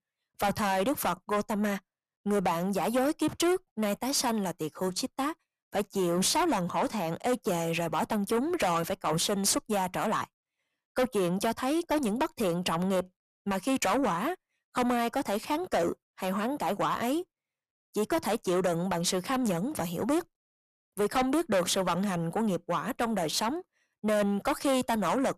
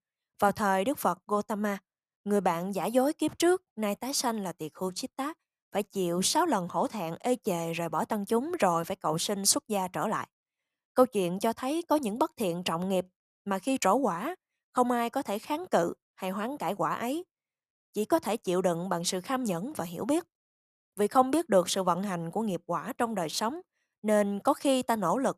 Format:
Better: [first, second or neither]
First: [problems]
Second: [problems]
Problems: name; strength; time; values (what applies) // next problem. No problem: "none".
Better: second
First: distortion; heavy; 7 dB below the speech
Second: none